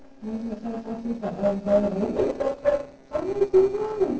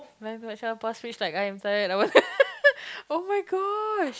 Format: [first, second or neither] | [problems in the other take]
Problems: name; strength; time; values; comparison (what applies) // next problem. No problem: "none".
second | noise reduction (neural separator model SepFormer DNS4)